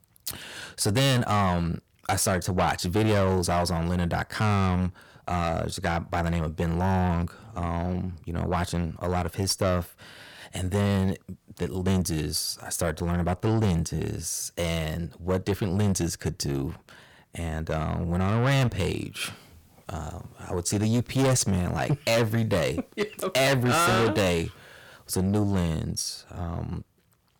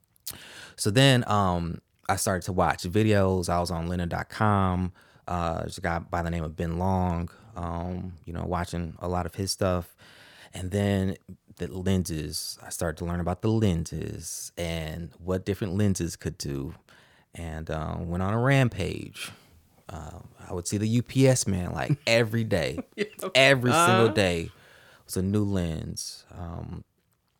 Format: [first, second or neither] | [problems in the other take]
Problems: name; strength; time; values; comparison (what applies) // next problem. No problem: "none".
second | distortion; heavy; 7 dB below the speech